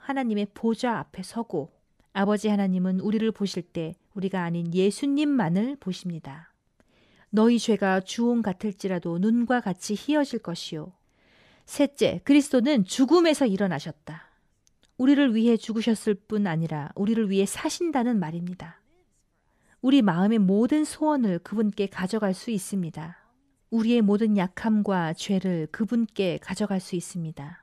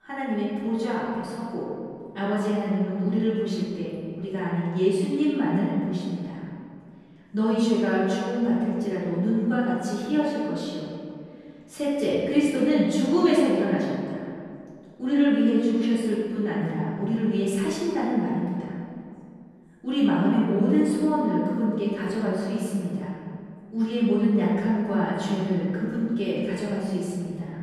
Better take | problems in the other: first | off-mic speech; far // room echo; strong; dies away in 2.2 s

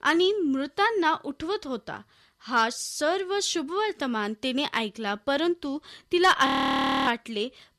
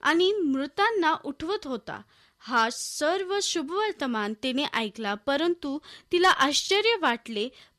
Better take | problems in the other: second | audio freezing; at 6.5 s for 0.5 s

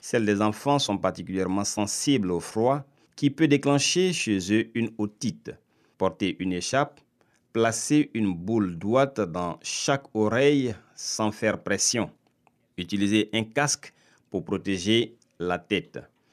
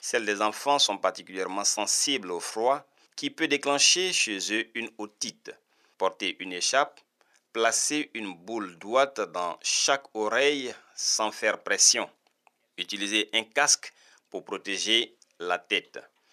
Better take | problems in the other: first | thin; somewhat; fading below 600 Hz

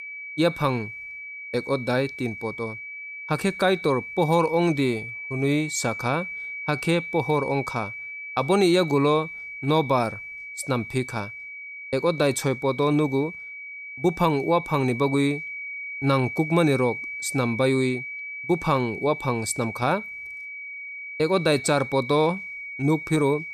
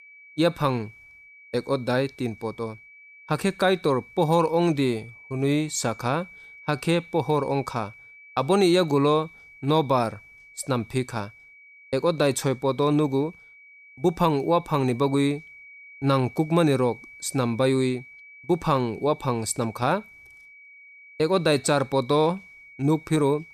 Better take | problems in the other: second | high-pitched whine; loud; throughout; 2.5 kHz, 9 dB below the speech; faint in the second

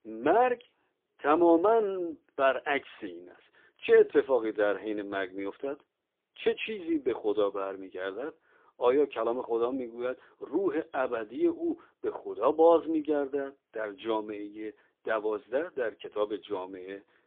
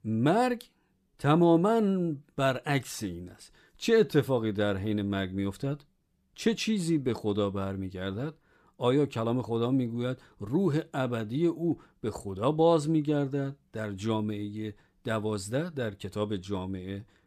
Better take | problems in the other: second | phone-call audio; poor line; nothing above 3.5 kHz

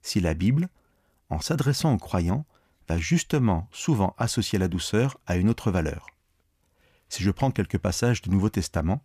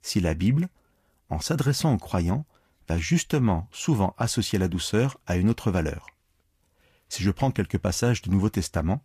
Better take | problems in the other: first | garbled, watery; slightly; nothing above 14.5 kHz

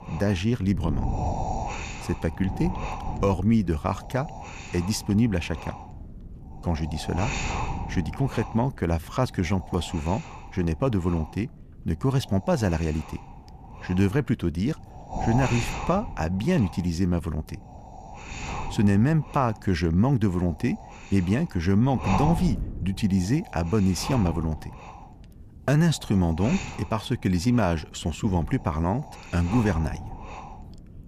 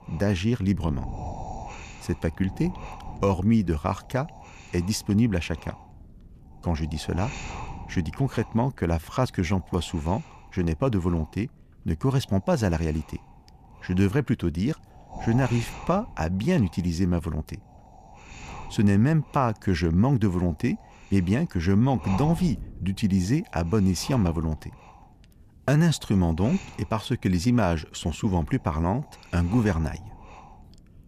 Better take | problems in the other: second | wind noise on the microphone; heavy; 6 dB below the speech; occasional gusts in the second

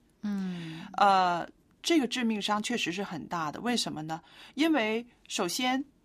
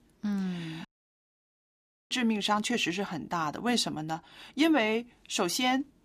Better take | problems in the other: first | audio cutting out; at 1 s for 1.5 s

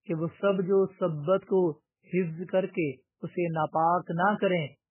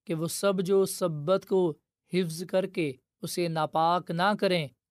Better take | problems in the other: second | garbled, watery; badly; nothing above 3 kHz

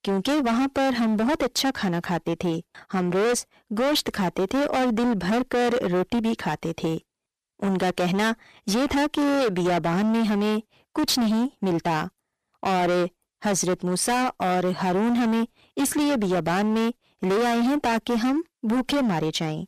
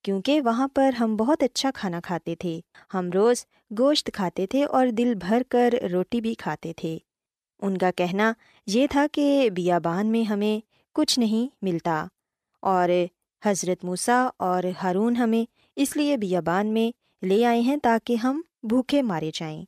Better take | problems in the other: second | distortion; heavy; 28% of the sound clipped

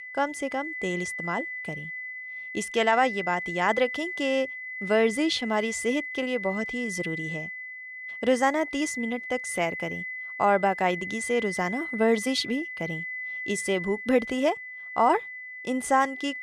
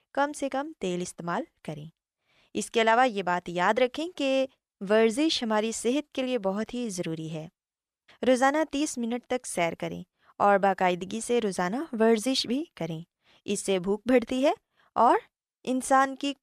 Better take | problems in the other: second | high-pitched whine; loud; throughout; 2 kHz, 7 dB below the speech

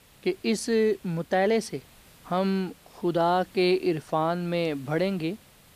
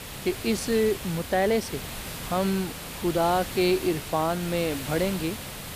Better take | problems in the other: first | hiss; loud; throughout; 9 dB below the speech; faint in the first

